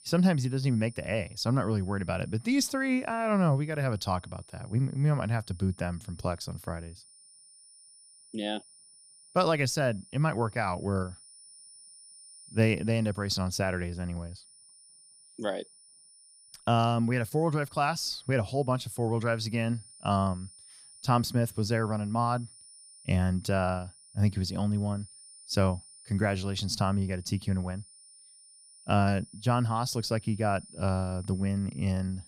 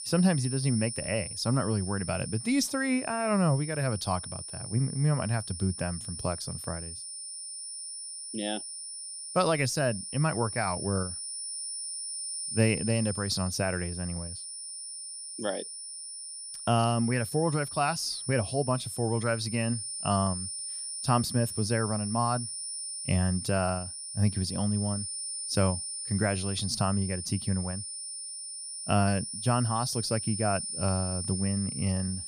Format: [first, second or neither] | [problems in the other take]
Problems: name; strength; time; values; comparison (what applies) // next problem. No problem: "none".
first | high-pitched whine; loud; throughout; 9.5 kHz, 6 dB below the speech; faint in the first